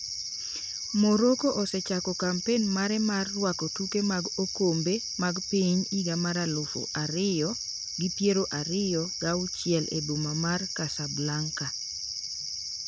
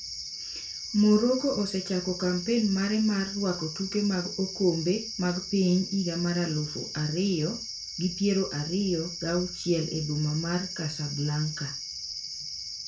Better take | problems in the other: first | room echo; dies away in 0.3 s

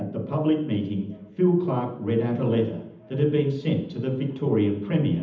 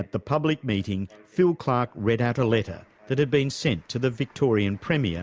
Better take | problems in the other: second | room echo; dies away in 0.8 s

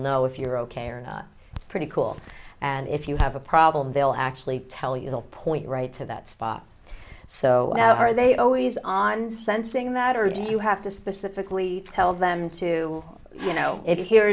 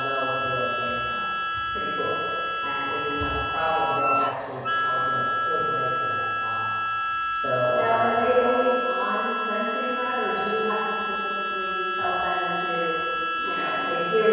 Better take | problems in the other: first | background sound (Harmonica); 1 dB above the speech // room echo; dies away in 1.9 s

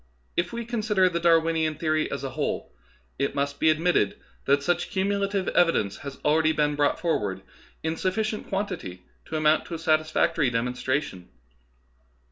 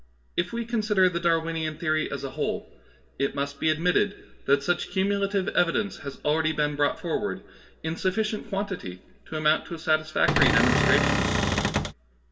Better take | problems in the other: first | background sound (Cupboard open or close / Door); 4 dB above the speech // room echo; dies away in 1.5 s

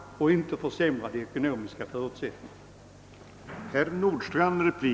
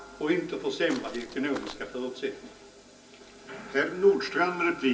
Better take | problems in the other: first | background sound (Walk, footsteps); 14 dB below the speech // room echo; dies away in 0.3 s

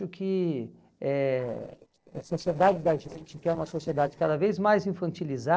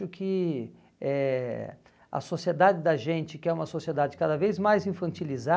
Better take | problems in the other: second | noise reduction (neural separator model SepFormer DNS4)

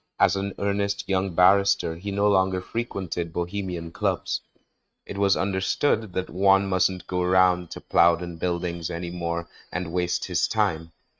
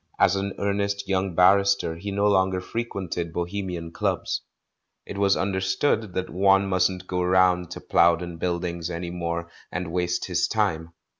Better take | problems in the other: second | noise reduction (neural mask model RNNoise)

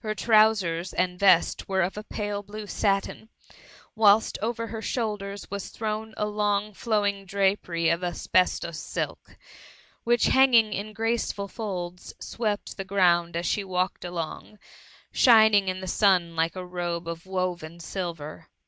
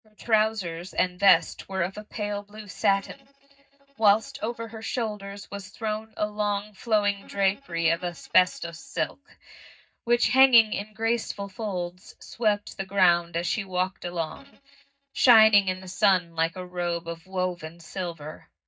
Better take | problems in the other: first | noise reduction (neural mask model DeepFilterNet 3)

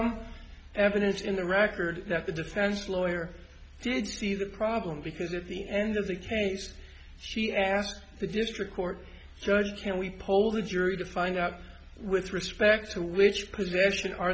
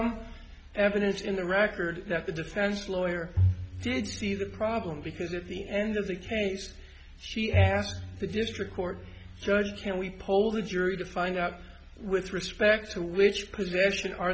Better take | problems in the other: first | background sound (Bowed string instrument); 3 dB below the speech

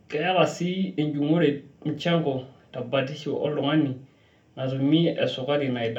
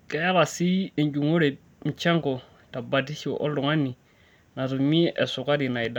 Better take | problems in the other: second | room echo; dies away in 0.3 s

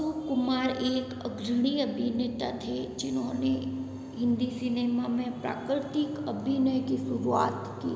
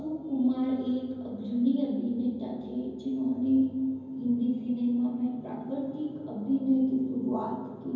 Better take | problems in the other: first | room echo; dies away in 0.9 s

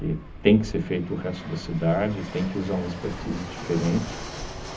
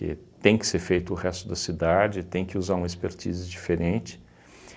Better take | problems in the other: second | background sound (Fixed-wing aircraft, airplane); 10 dB below the speech // room echo; dies away in 0.4 s

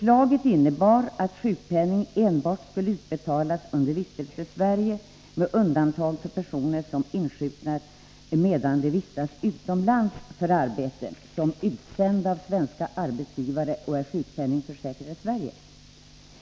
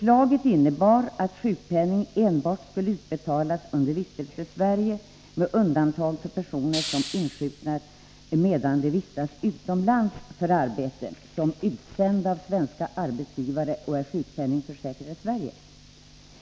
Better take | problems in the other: first | background sound (Hiss); 10 dB below the speech

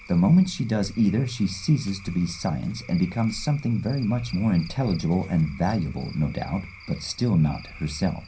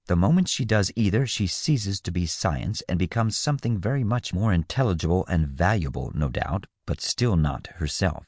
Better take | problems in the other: second | background sound (Cricket / Frog); 19 dB below the speech // room echo; dies away in 0.3 s

